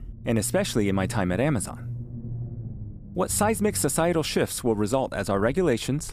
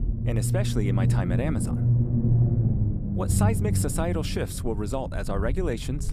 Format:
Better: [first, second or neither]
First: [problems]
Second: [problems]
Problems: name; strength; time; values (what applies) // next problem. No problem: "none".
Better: first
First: low rumble; faint; throughout; 25 dB below the speech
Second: low rumble; loud; throughout; 5 dB below the speech